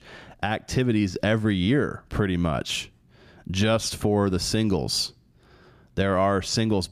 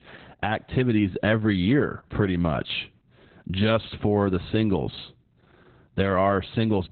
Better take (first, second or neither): first